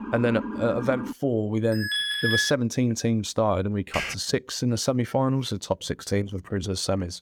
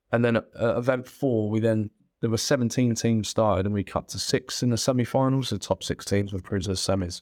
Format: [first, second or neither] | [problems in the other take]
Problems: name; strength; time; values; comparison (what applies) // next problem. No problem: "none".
second | siren; noticeable; until 1 s; peak 6 dB below the speech // alarm; loud; at 1.5 s; peak 3 dB above the speech // keyboard typing; noticeable; at 4 s; peak 4 dB below the speech